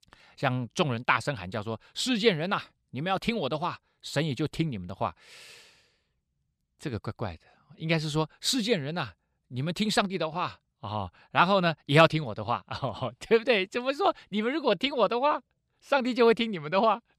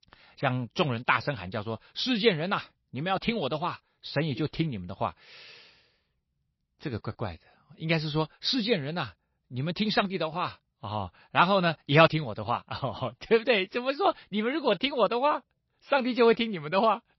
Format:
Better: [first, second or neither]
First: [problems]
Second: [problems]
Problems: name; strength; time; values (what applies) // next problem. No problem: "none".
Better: first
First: none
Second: garbled, watery; slightly; nothing above 5.5 kHz